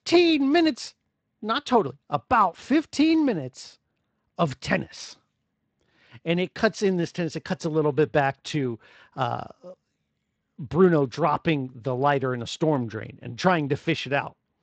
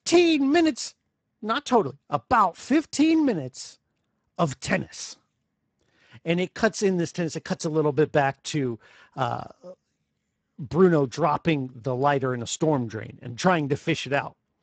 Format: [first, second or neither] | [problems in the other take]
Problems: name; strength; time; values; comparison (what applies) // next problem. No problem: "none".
first | garbled, watery; badly; nothing above 8 kHz; slightly in the first